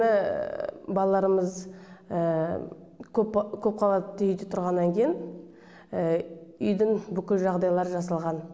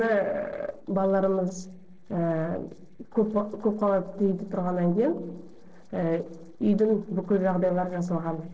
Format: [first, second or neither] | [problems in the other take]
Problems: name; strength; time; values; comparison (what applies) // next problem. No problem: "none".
first | noise reduction (neural separator model SepFormer DNS4)